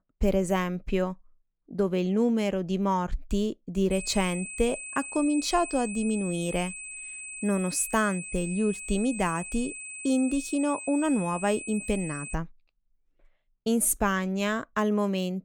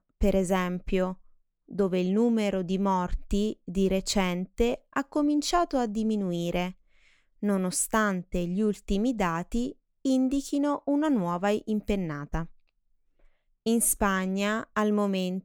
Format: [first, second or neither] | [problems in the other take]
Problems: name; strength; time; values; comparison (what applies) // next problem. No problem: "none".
second | high-pitched whine; loud; from 4 to 12 s; 2.5 kHz, 9 dB below the speech